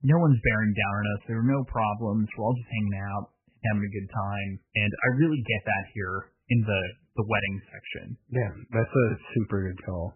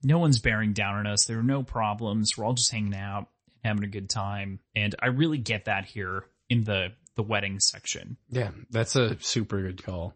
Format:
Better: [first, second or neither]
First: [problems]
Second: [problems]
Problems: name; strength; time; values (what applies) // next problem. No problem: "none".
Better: second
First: garbled, watery; badly; nothing above 3 kHz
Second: garbled, watery; slightly; nothing above 8 kHz